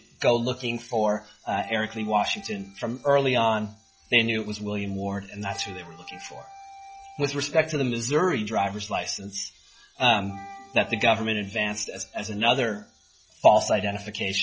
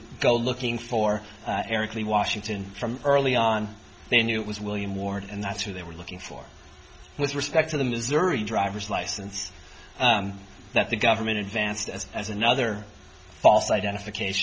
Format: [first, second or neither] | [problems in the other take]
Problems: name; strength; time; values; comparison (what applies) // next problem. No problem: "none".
second | noise reduction (classical method log-MMSE)